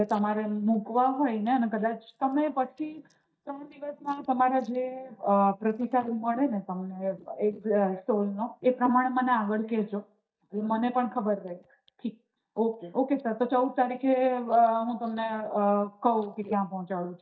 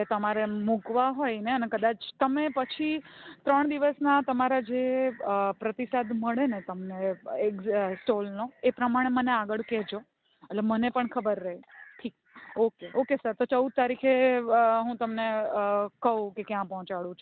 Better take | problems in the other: second | noise reduction (neural mask model DeepFilterNet 3)

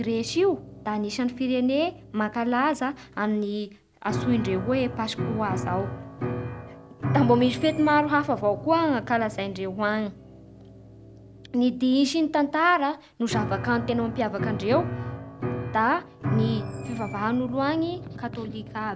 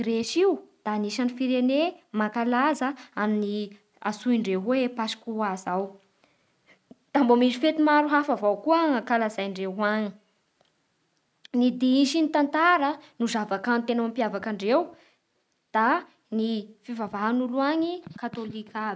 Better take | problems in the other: second | background sound (Piano); 8 dB below the speech

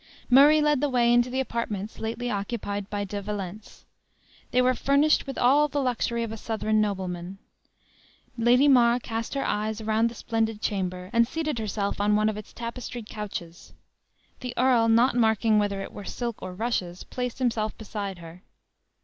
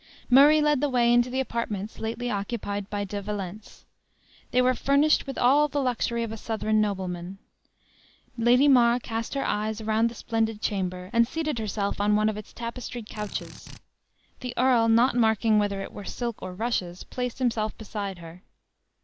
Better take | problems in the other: first | background sound (Drill); 17 dB below the speech

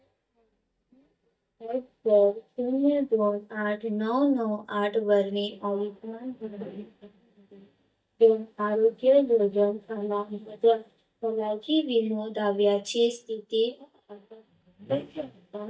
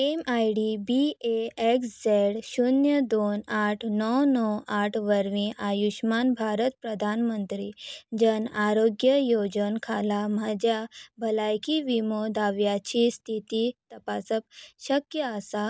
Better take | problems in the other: second | noise reduction (neural mask model DeepFilterNet 3)

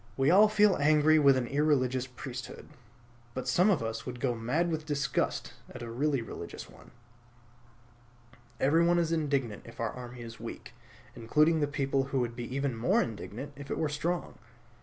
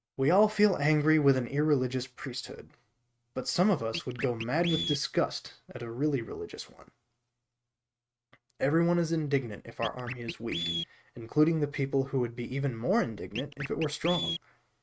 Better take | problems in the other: first | noise reduction (neural mask model RNNoise)

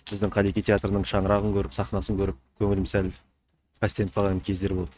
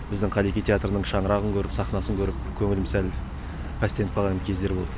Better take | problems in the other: second | noise reduction (neural mask model RNNoise)

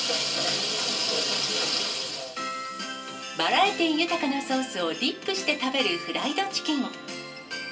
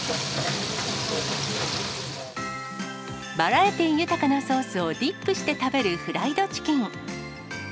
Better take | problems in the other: second | room echo; dies away in 0.2 s

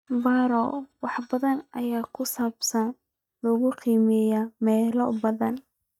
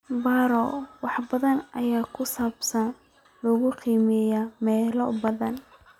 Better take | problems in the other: second | noise reduction (neural mask model DeepFilterNet 3)

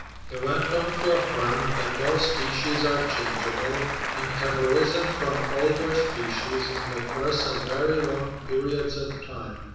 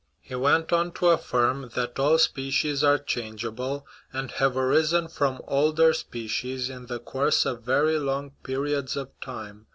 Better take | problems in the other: second | background sound (Applause); 4 dB below the speech // room echo; dies away in 1.1 s

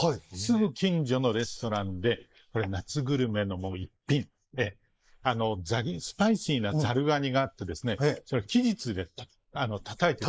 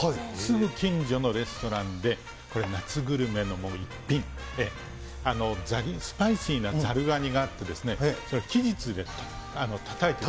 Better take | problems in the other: second | noise reduction (neural mask model Resemble Enhance denoiser)

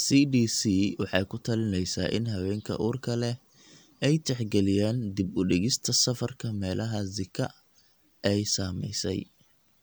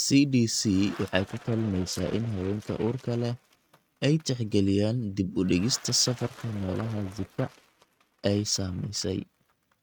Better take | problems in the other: first | noise reduction (neural mask model RNNoise)

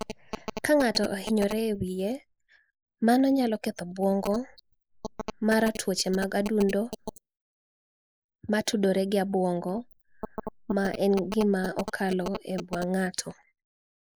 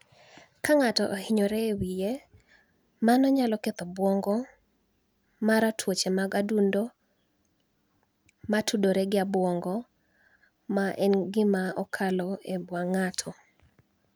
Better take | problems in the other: second | noise reduction (neural mask model Resemble Enhance denoiser)

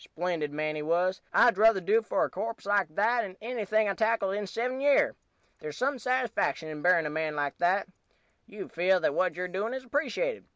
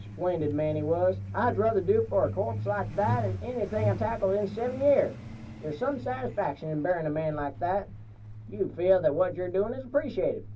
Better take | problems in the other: first | background sound (Truck); 9 dB below the speech // room echo; dies away in 0.4 s

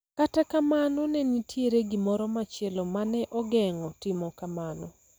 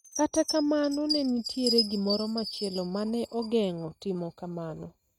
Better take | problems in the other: first | noise reduction (neural mask model RNNoise)

